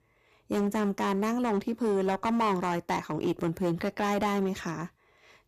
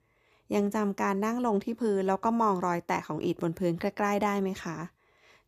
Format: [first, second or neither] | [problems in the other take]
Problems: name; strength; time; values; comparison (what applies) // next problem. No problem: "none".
second | distortion; slight; 9% of the sound clipped